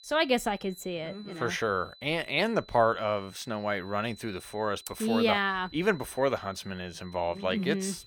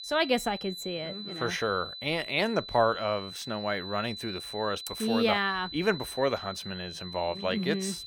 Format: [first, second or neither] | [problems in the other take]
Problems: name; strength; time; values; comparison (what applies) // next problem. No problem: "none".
first | high-pitched whine; loud; throughout; 4 kHz, 9 dB below the speech; faint in the first